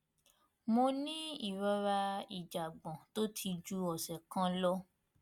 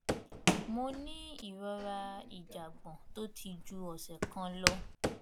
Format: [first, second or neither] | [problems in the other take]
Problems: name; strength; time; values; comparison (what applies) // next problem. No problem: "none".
first | background sound (Walk, footsteps); 4 dB above the speech